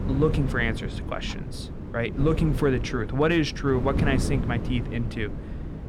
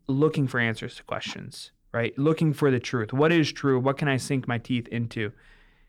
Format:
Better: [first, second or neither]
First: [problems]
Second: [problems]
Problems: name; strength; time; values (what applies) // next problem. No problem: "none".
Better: second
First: wind noise on the microphone; occasional gusts; 10 dB below the speech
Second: none